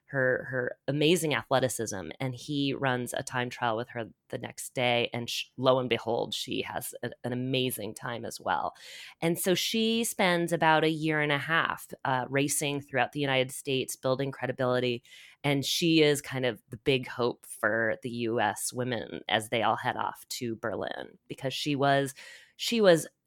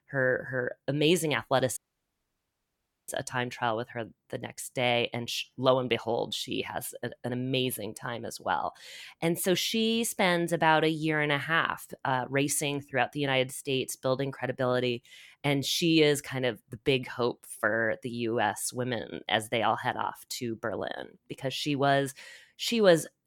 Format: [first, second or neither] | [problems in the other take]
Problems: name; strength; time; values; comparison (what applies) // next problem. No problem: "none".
first | audio cutting out; at 2 s for 1.5 s